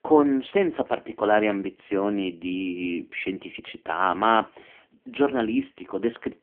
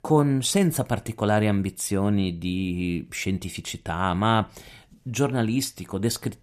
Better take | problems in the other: second | phone-call audio; poor line; nothing above 3 kHz

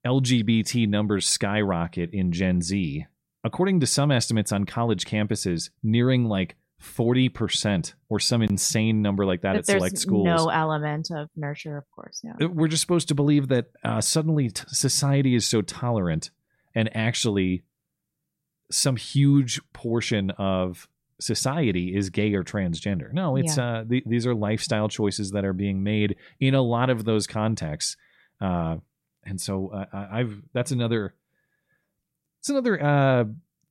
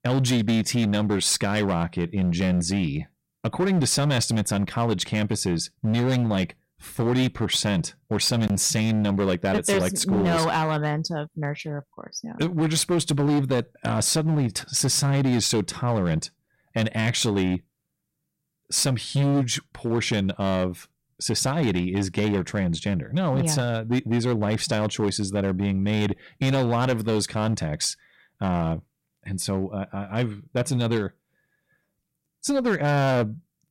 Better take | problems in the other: first | distortion; slight; 11% of the sound clipped

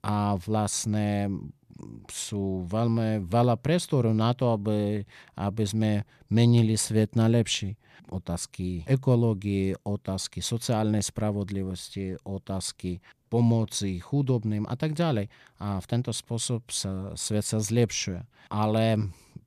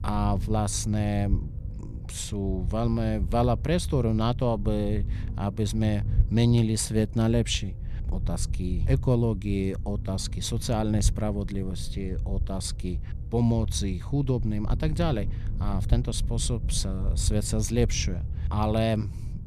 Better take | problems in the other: first | low rumble; noticeable; throughout; 15 dB below the speech

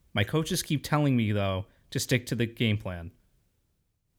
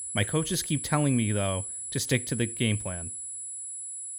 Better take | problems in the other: first | high-pitched whine; loud; throughout; 10 kHz, 5 dB below the speech

